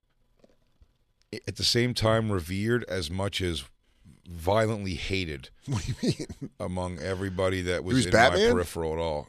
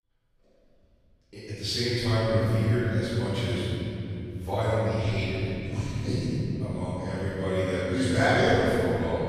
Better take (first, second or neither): first